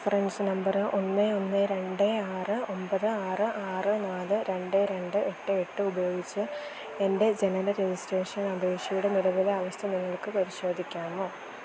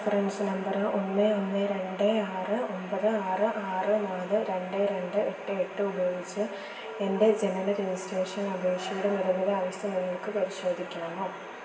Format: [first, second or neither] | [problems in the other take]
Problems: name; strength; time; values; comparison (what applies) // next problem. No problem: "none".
first | room echo; dies away in 1.1 s